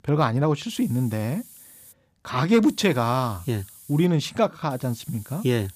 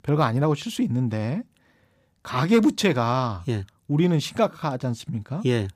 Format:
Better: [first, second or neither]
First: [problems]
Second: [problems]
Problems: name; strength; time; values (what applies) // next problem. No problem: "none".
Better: second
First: hiss; faint; from 0.5 to 2 s, from 2.5 to 4 s and from 4.5 s on; 20 dB below the speech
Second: none